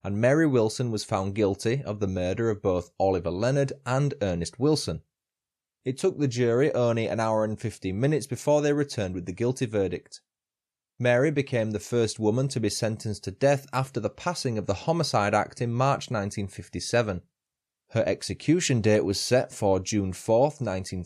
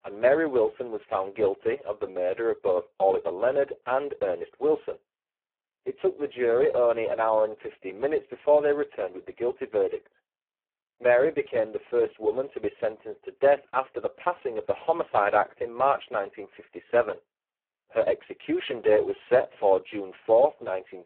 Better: first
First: none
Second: phone-call audio; poor line

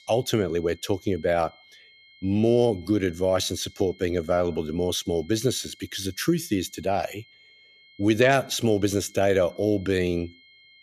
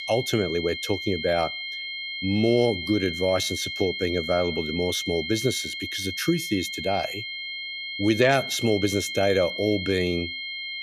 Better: first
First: high-pitched whine; faint; throughout; 2 kHz, 25 dB below the speech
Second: high-pitched whine; loud; throughout; 2 kHz, 5 dB below the speech

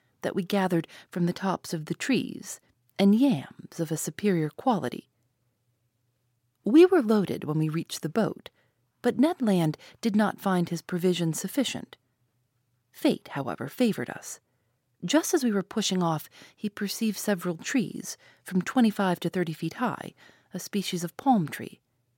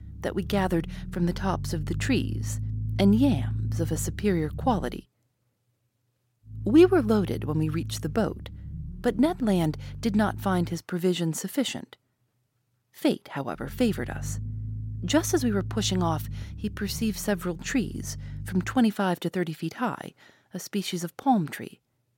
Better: first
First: none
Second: low rumble; noticeable; until 5 s, from 6.5 to 11 s and from 14 to 19 s; 20 dB below the speech

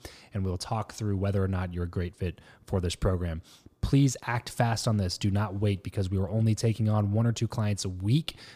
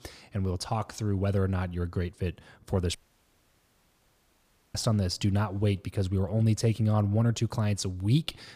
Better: first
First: none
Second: audio cutting out; at 3 s for 2 s

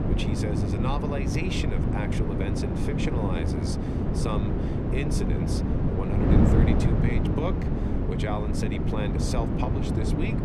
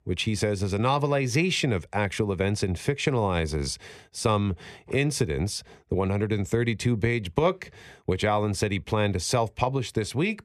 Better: second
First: wind noise on the microphone; heavy; 2 dB above the speech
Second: none

